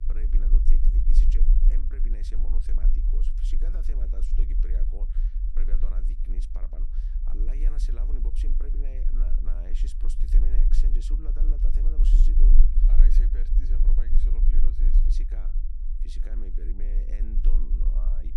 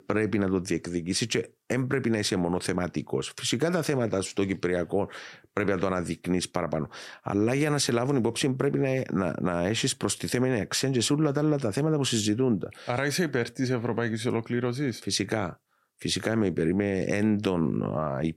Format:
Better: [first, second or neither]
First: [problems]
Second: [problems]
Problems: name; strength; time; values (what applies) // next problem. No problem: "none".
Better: second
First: low rumble; loud; throughout; 1 dB below the speech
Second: none